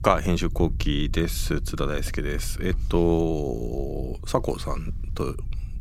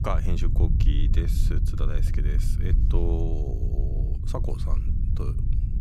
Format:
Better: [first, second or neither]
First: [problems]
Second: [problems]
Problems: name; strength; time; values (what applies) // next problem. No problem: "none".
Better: first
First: low rumble; faint; throughout; 25 dB below the speech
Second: low rumble; loud; throughout; 4 dB below the speech